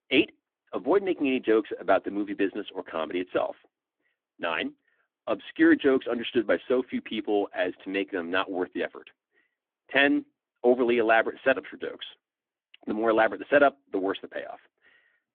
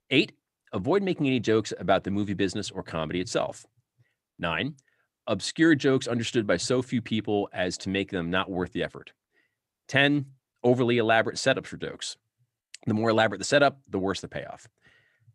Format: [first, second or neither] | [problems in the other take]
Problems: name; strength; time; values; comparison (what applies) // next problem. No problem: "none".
second | phone-call audio; nothing above 3.5 kHz